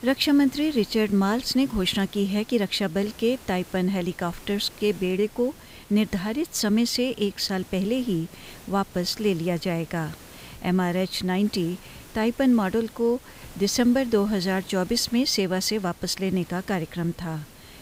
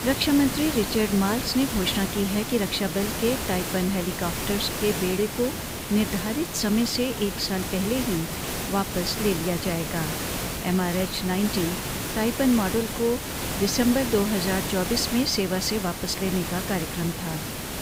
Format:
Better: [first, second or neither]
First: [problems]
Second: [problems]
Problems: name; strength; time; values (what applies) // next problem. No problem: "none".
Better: first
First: hiss; faint; throughout; 20 dB below the speech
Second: hiss; loud; throughout; 4 dB below the speech